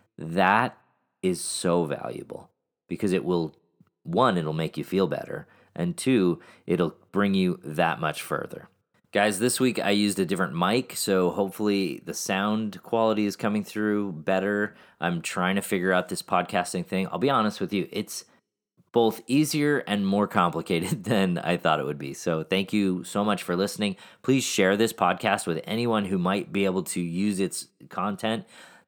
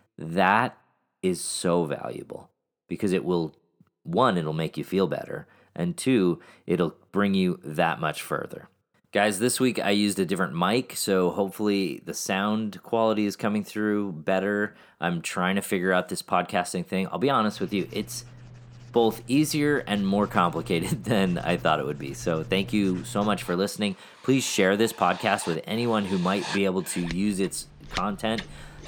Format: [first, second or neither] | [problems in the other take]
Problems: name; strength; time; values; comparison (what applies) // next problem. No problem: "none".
first | household noises; noticeable; from 18 s on; 15 dB below the speech